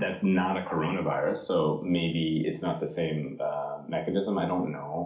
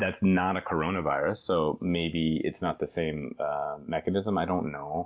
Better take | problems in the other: second | room echo; dies away in 0.4 s

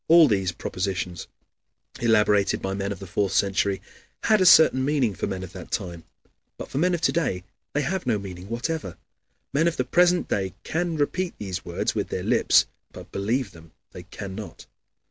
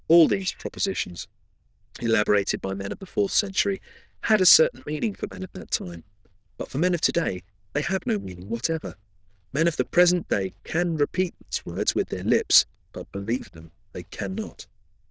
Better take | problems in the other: first | noise reduction (neural diffusion model UNIVERSE++)

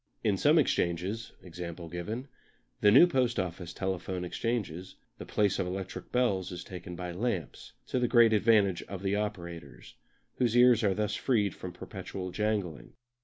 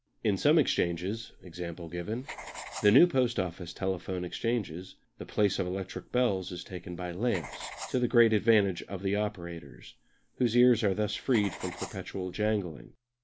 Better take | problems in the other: first | background sound (Writing); 19 dB below the speech

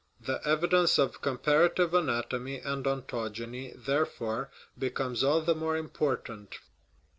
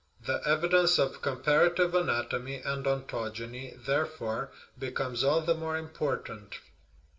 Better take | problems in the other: first | room echo; dies away in 0.6 s

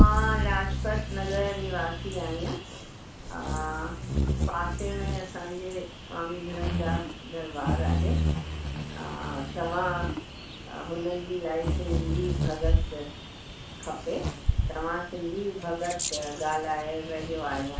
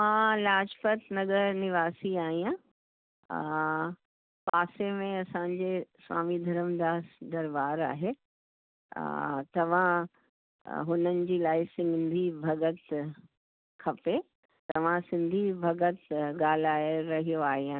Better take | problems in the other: second | background sound (Bird vocalization, bird call, bird song); 3 dB above the speech // room echo; dies away in 0.3 s

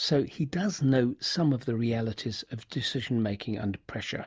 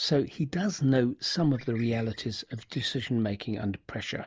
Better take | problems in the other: first | noise reduction (neural mask model Resemble Enhance denoiser)

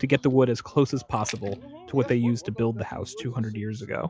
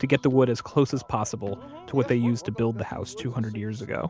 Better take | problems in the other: second | noise reduction (classical method log-MMSE)

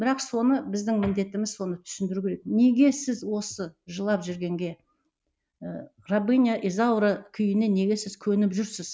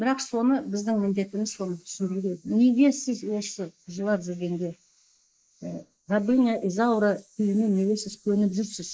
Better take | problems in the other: first | noise reduction (neural mask model Resemble Enhance denoiser)

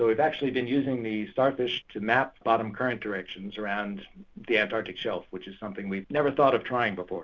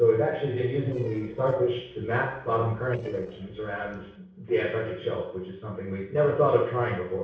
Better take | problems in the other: first | noise reduction (neural separator model SepFormer DNS4)

